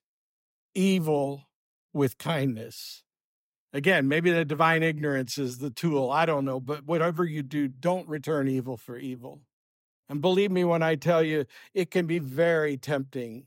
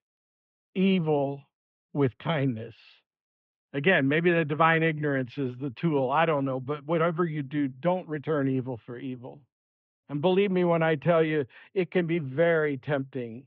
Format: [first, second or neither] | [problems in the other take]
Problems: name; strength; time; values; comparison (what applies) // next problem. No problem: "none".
first | muffled; very; fading above 3 kHz